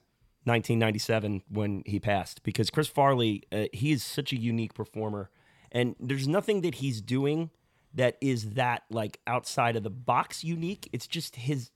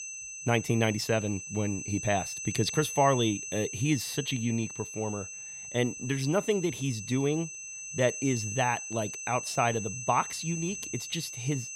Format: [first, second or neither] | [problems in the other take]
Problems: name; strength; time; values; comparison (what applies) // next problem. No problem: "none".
first | high-pitched whine; loud; throughout; 6 kHz, 7 dB below the speech